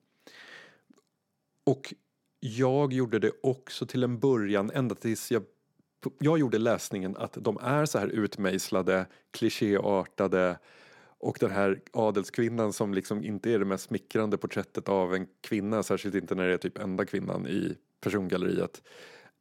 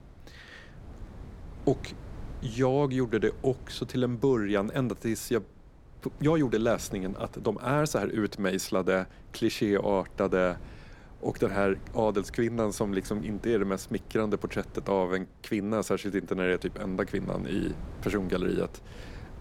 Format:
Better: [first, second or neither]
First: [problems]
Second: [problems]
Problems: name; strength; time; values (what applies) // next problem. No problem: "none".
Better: first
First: none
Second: wind noise on the microphone; occasional gusts; 25 dB below the speech